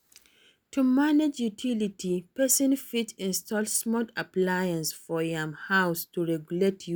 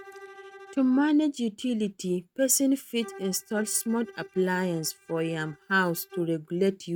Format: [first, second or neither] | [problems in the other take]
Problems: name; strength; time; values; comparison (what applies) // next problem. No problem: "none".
first | noise reduction (neural mask model RNNoise)